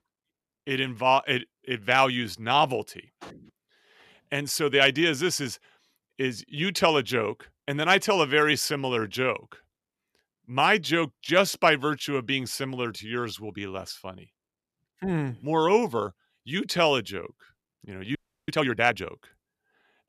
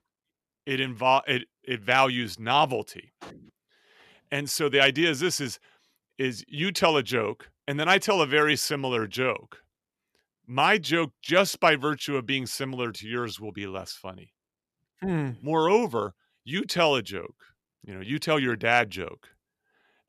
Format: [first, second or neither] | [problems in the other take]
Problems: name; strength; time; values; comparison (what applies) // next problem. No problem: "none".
second | audio freezing; at 18 s